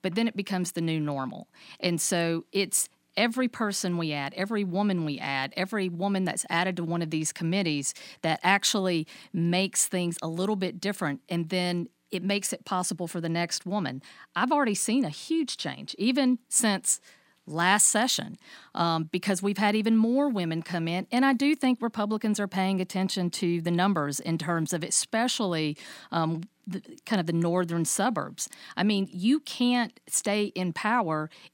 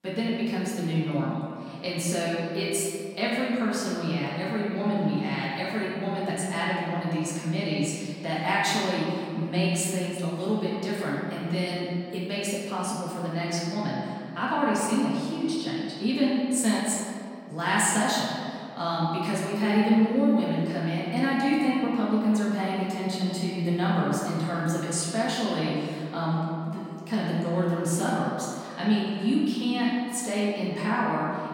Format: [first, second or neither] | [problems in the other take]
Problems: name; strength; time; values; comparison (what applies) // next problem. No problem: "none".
first | room echo; strong; dies away in 2.1 s // off-mic speech; far